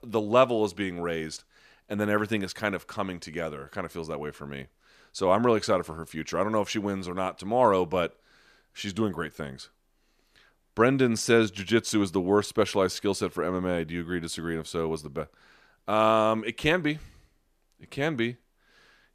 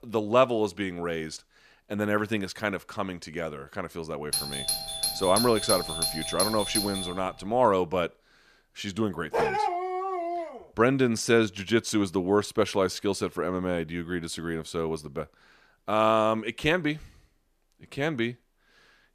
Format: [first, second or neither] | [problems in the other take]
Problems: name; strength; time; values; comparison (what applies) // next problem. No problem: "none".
first | doorbell; loud; from 4.5 to 7 s; peak 1 dB above the speech // dog barking; loud; from 9.5 to 11 s; peak 2 dB above the speech